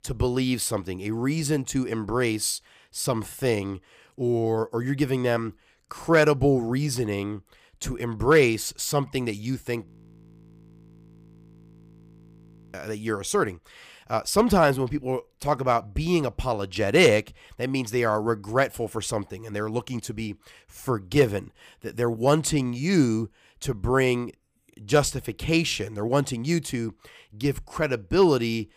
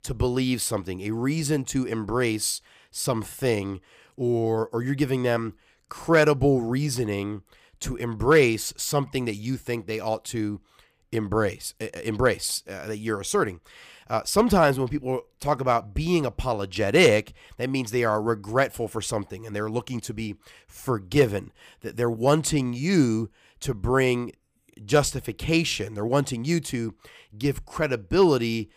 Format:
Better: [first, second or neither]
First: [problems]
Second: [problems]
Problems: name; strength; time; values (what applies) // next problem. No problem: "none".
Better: second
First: audio freezing; at 10 s for 3 s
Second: none